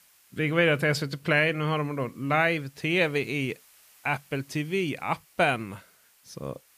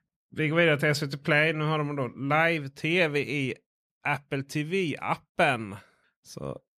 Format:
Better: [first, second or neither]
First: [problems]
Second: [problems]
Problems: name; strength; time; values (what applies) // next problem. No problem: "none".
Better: second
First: hiss; faint; throughout; 30 dB below the speech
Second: none